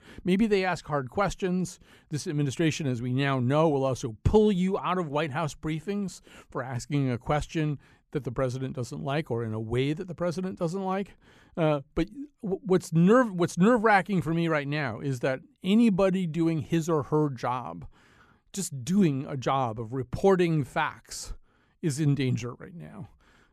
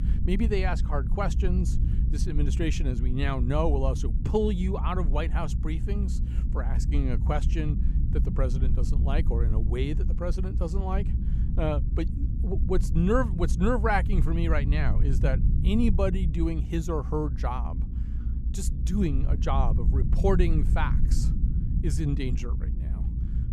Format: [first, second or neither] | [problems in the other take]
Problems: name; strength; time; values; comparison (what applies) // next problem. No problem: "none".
first | low rumble; noticeable; throughout; 10 dB below the speech